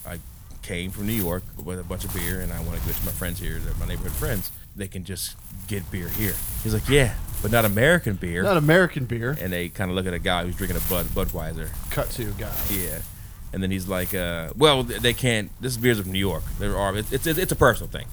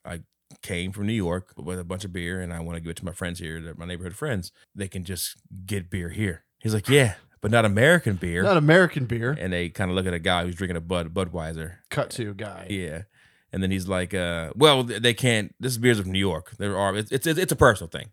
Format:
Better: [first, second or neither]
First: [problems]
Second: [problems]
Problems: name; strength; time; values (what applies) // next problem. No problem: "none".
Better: second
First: wind noise on the microphone; occasional gusts; 15 dB below the speech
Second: none